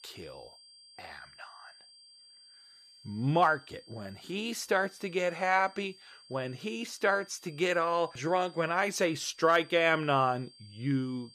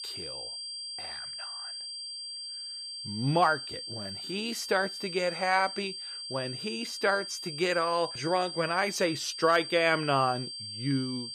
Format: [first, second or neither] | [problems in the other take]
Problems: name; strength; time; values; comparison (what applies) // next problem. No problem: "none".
first | high-pitched whine; loud; throughout; 4.5 kHz, 8 dB below the speech; faint in the first